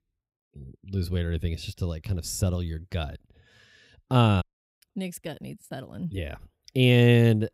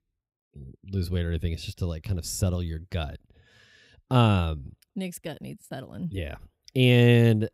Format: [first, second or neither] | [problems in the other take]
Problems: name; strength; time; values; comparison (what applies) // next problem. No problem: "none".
second | audio cutting out; at 4.5 s